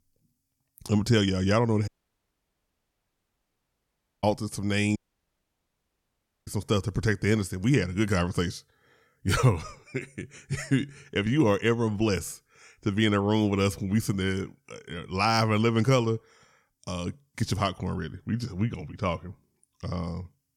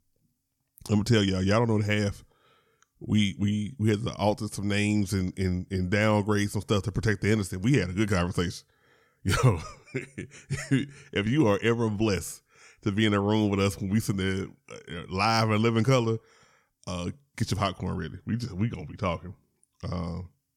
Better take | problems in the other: second | audio cutting out; at 2 s for 2.5 s and at 5 s for 1.5 s

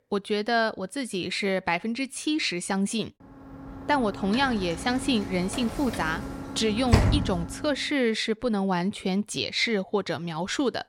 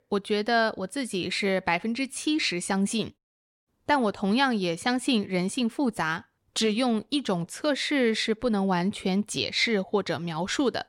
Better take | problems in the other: second | door banging; loud; from 6 to 7.5 s; peak 4 dB above the speech

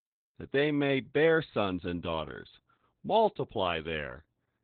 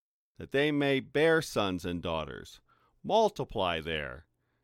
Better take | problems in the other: second | garbled, watery; badly; nothing above 3.5 kHz

